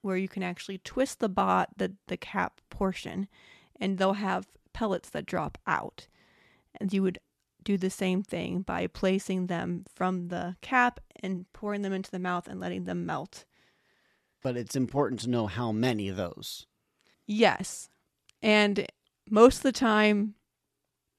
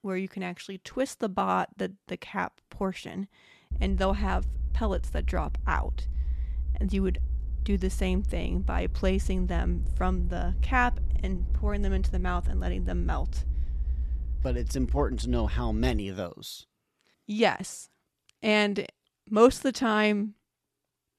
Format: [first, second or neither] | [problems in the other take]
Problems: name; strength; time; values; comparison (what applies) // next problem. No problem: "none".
first | low rumble; faint; from 3.5 to 16 s; 20 dB below the speech